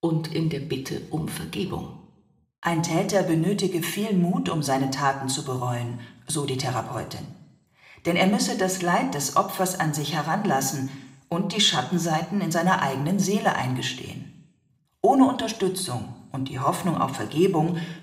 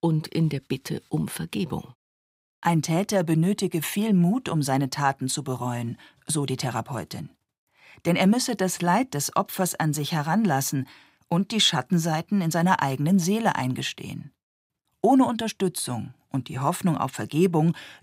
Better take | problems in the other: second | room echo; very slight; dies away in 0.6 s

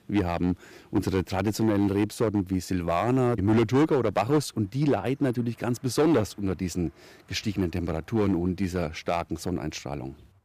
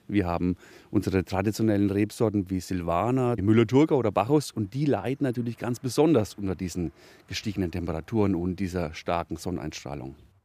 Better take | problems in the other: second | distortion; slight; 5% of the sound clipped

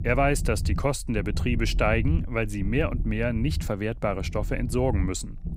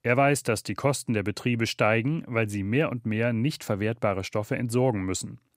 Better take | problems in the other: second | low rumble; noticeable; throughout; 15 dB below the speech

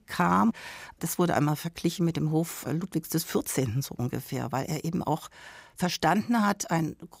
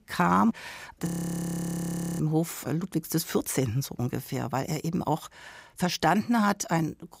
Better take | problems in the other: first | audio freezing; at 1 s for 1 s

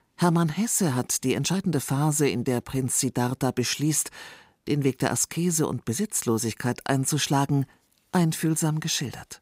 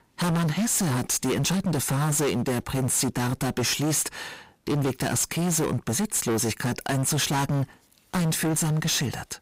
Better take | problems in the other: first | distortion; heavy; 28% of the sound clipped

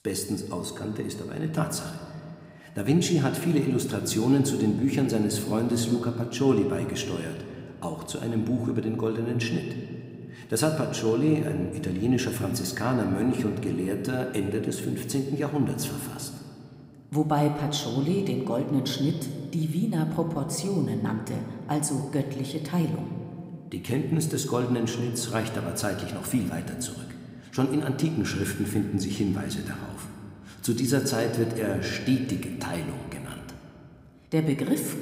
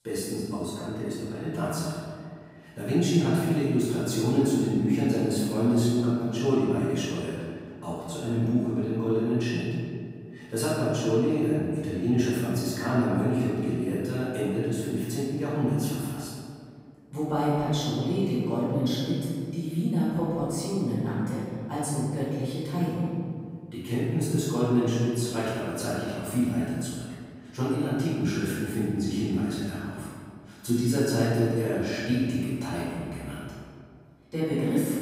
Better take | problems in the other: first | room echo; strong; dies away in 1.9 s; slight in the first // off-mic speech; far

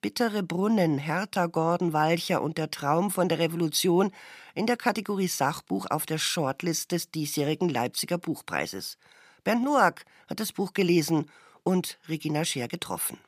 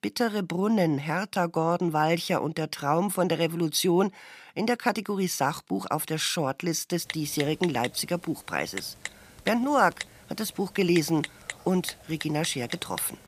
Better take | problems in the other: first | keyboard typing; noticeable; from 7 s on; peak 8 dB below the speech

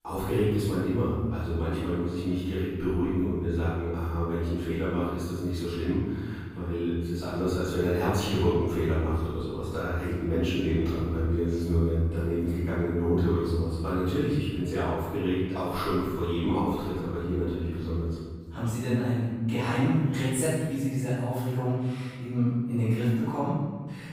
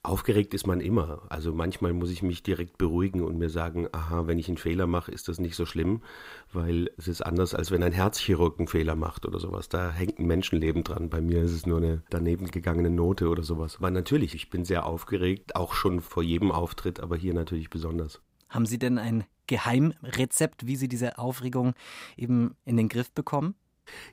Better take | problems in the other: second | off-mic speech; far // room echo; strong; dies away in 1.6 s

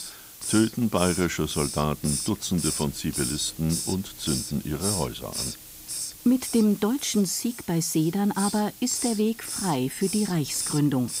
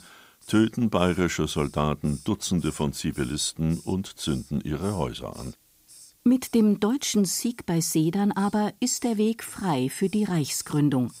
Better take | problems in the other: second | hiss; loud; throughout; 6 dB below the speech; faint in the second

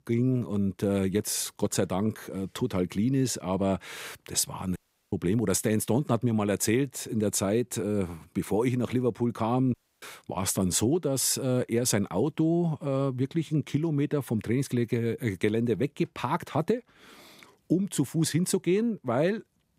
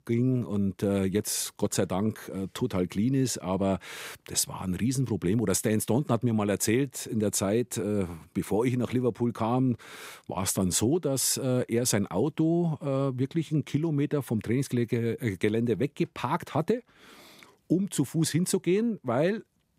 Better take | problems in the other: second | audio cutting out; at 5 s and at 9.5 s

